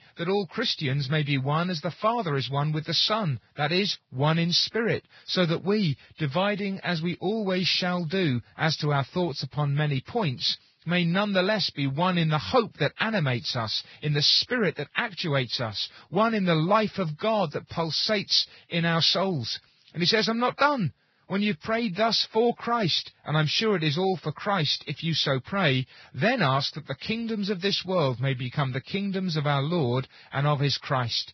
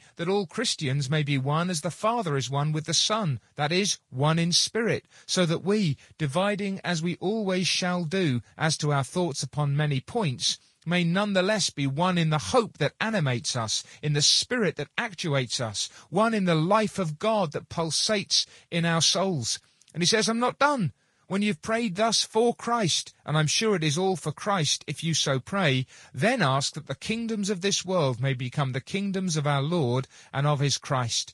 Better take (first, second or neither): second